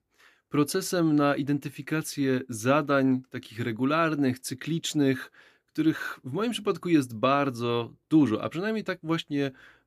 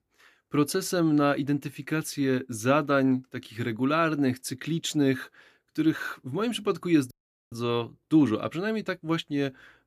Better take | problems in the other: first | audio cutting out; at 7 s

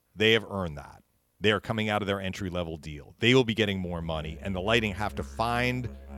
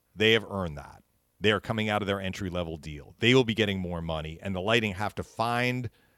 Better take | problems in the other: second | background music; noticeable; throughout; 20 dB below the speech

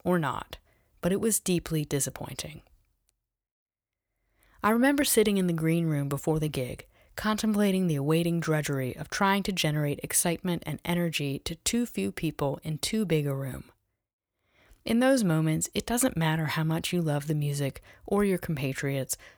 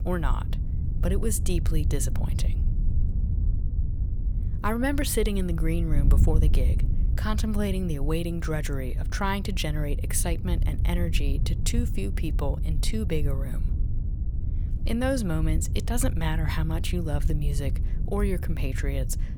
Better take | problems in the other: first | wind noise on the microphone; occasional gusts; 10 dB below the speech

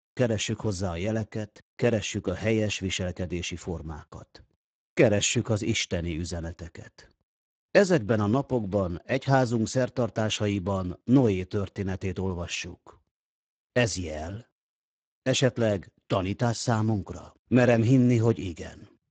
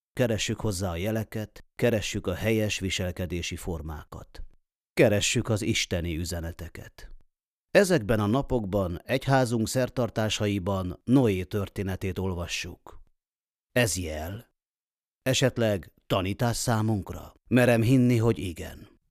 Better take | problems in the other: second | garbled, watery; badly; nothing above 7.5 kHz

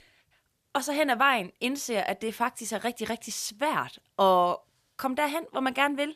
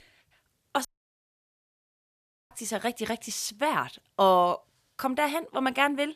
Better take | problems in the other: first | audio cutting out; at 1 s for 1.5 s

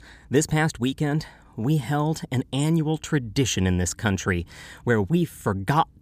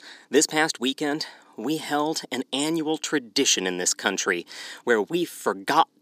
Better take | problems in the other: first | thin; somewhat; fading below 300 Hz

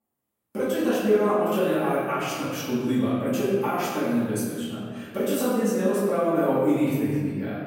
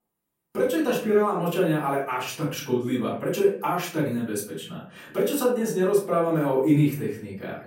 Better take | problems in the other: second | room echo; strong; dies away in 1.7 s; slight in the second // off-mic speech; far; far in the second

